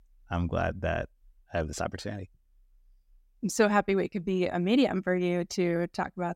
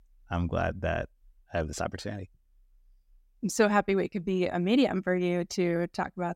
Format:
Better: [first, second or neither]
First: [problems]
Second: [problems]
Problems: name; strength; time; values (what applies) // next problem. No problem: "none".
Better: neither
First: none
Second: none